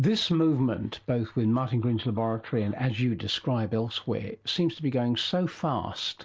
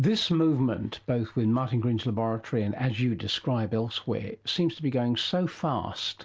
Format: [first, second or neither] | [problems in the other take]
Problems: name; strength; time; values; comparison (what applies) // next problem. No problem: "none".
second | noise reduction (neural mask model Resemble Enhance denoiser)